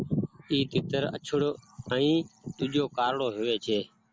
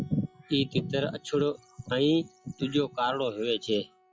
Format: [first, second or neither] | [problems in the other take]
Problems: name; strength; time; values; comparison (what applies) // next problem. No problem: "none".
first | noise reduction (classical method log-MMSE)